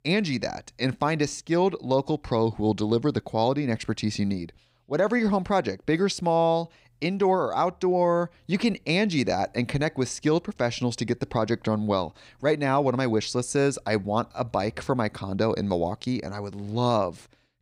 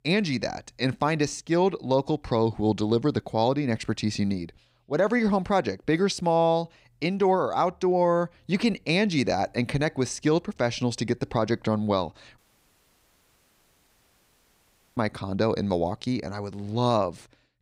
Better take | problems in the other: first | audio cutting out; at 12 s for 2.5 s

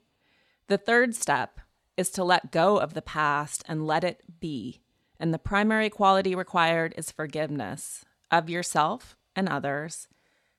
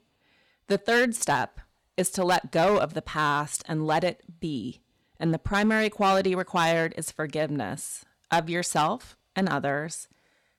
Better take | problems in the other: first | distortion; slight; 4% of the sound clipped

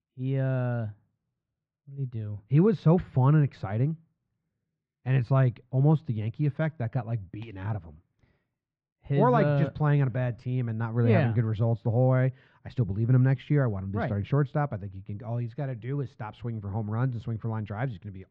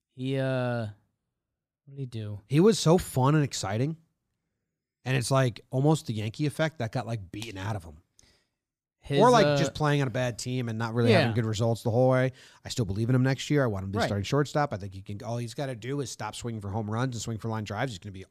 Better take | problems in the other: second | muffled; very; fading above 2.5 kHz

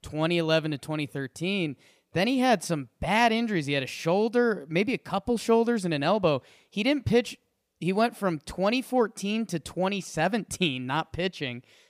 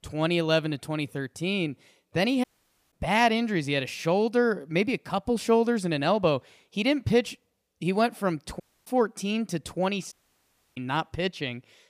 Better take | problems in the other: first | audio cutting out; at 2.5 s, at 8.5 s and at 10 s for 0.5 s

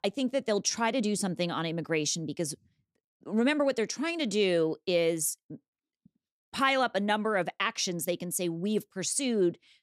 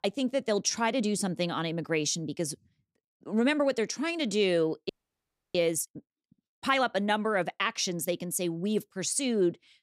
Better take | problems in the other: first | audio freezing; at 5 s for 0.5 s

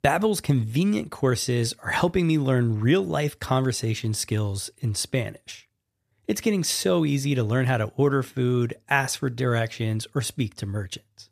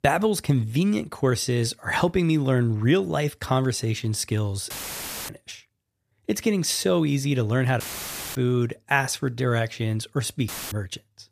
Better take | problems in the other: first | audio cutting out; filled with static; at 4.5 s for 0.5 s, at 8 s for 0.5 s and at 10 s

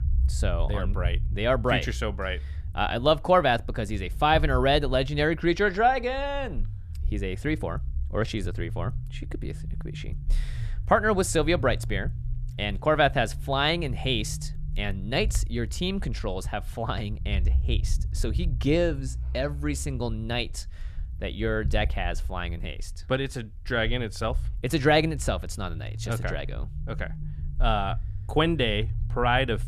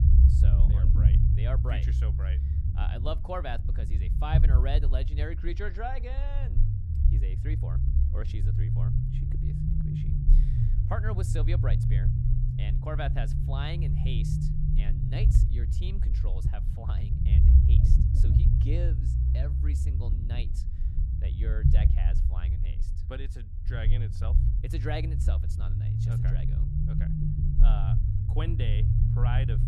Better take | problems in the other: first | low rumble; loud; throughout; 1 dB below the speech; faint in the first

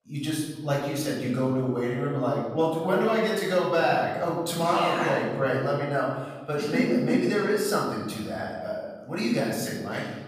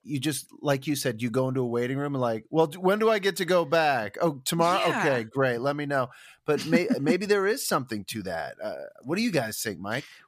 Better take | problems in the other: second | off-mic speech; far // room echo; noticeable; dies away in 1.2 s

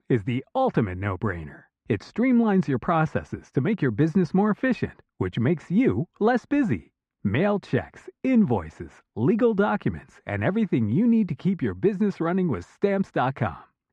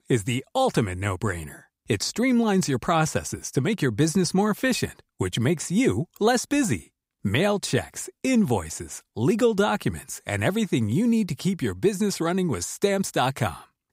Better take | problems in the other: second | muffled; very; fading above 1.5 kHz

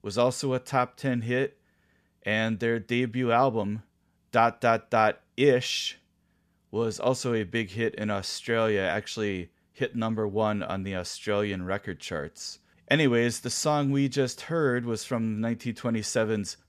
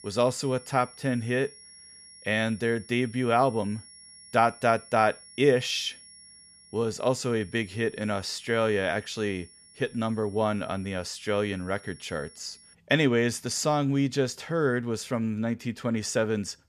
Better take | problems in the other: first | high-pitched whine; faint; until 13 s; 10 kHz, 20 dB below the speech

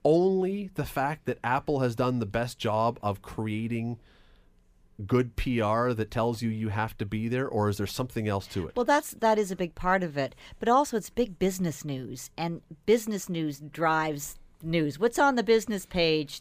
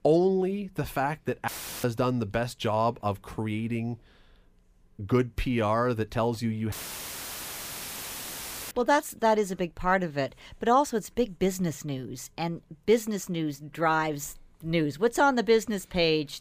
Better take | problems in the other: first | audio cutting out; filled with static; at 1.5 s and at 6.5 s for 2 s

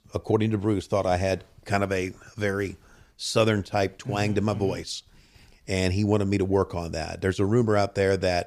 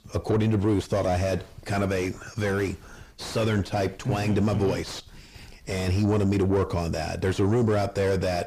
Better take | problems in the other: first | distortion; heavy; 6 dB below the speech

